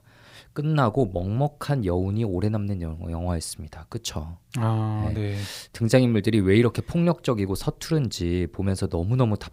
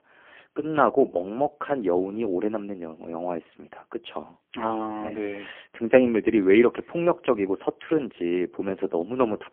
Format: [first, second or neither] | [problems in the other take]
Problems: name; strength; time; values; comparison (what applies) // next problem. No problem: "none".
first | phone-call audio; poor line